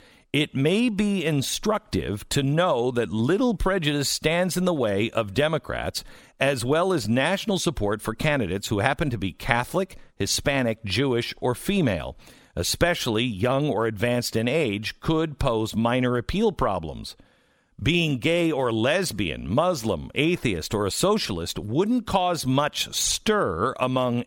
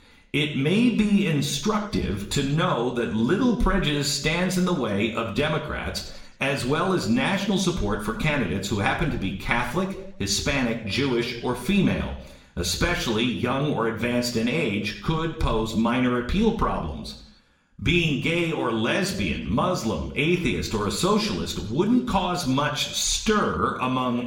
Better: first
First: none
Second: room echo; slight; dies away in 0.7 s // off-mic speech; somewhat distant

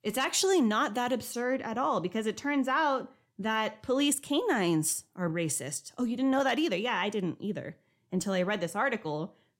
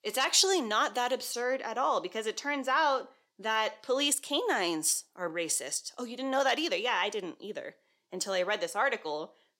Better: first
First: none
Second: thin; somewhat; fading below 500 Hz

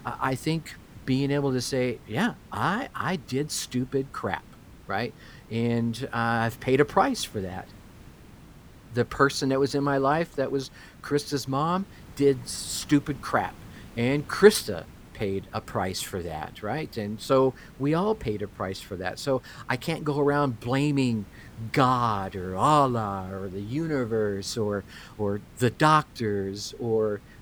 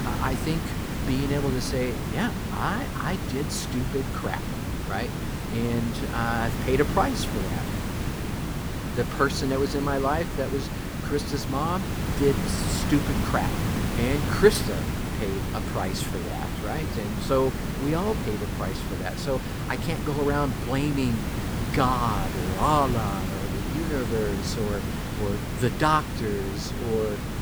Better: first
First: hiss; faint; throughout; 20 dB below the speech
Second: hiss; loud; throughout; 2 dB below the speech

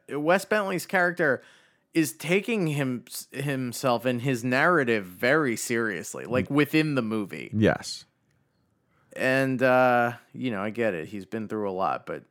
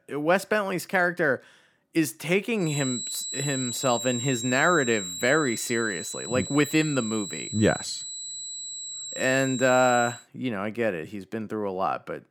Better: first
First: none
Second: high-pitched whine; loud; from 2.5 to 10 s; 7.5 kHz, 7 dB below the speech

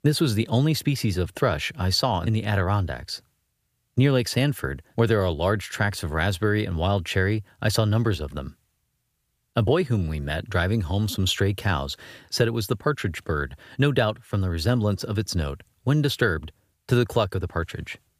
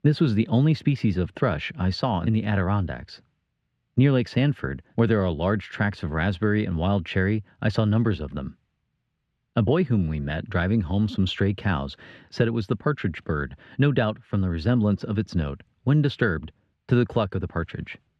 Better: first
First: none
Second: muffled; slightly; fading above 2.5 kHz

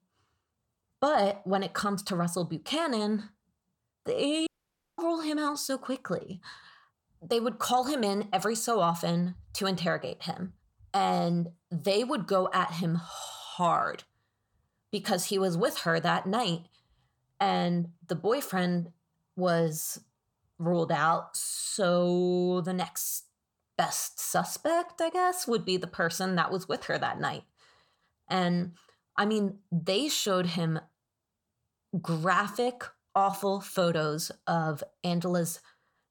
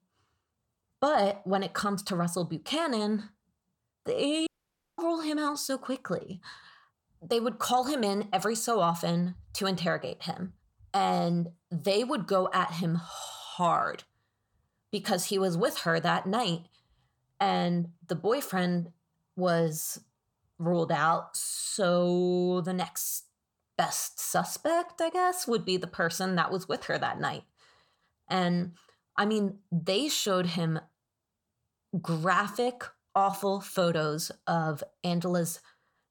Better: neither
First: audio cutting out; at 4.5 s for 0.5 s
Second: audio cutting out; at 4.5 s for 0.5 s

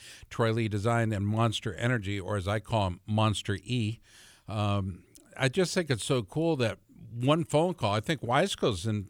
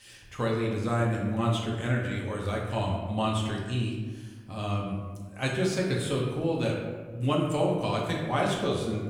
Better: first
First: none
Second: room echo; noticeable; dies away in 1.1 s // off-mic speech; far

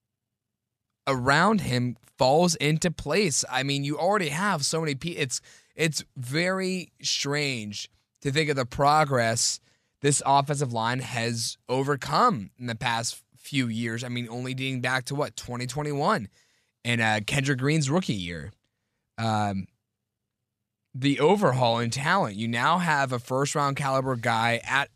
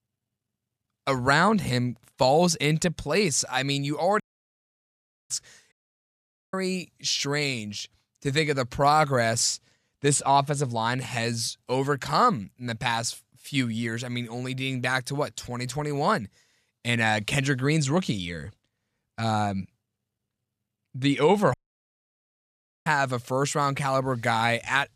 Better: first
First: none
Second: audio cutting out; at 4 s for 1 s, at 5.5 s for 1 s and at 22 s for 1.5 s

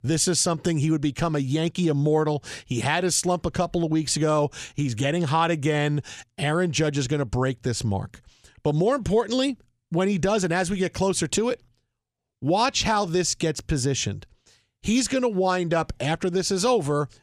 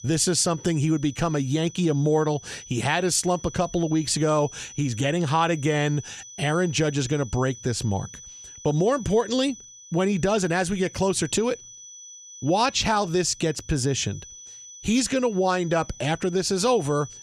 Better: first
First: none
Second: high-pitched whine; noticeable; throughout; 6 kHz, 15 dB below the speech

